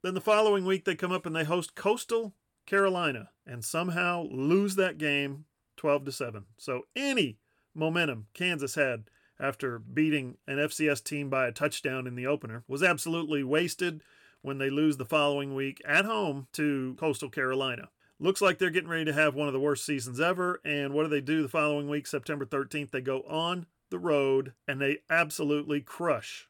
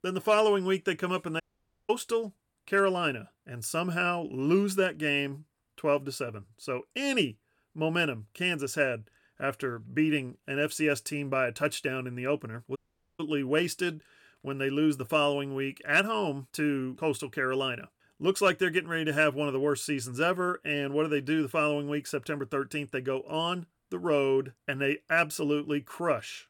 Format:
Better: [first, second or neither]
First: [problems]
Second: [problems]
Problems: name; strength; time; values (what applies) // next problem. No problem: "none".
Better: first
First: none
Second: audio cutting out; at 1.5 s and at 13 s